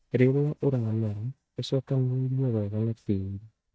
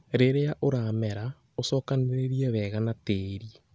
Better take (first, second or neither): second